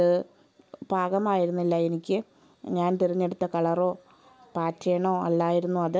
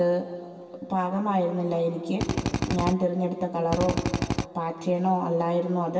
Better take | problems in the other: first | background sound (Drill); as loud as the speech // room echo; dies away in 2.4 s

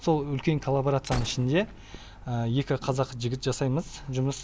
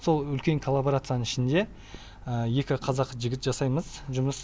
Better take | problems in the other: second | background sound (Gunshot, gunfire); 14 dB below the speech

